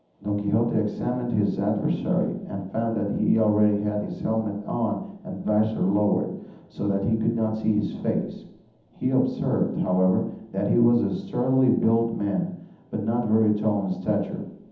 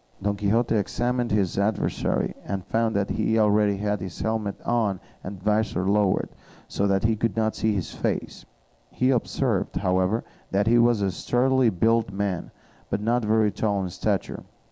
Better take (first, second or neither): second